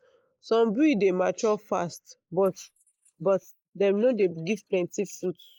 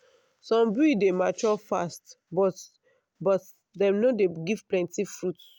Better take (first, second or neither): second